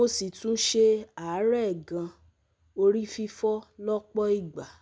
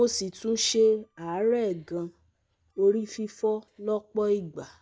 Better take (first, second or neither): first